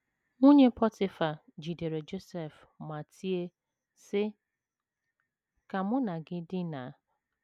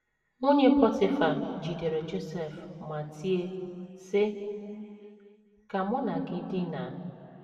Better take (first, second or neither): first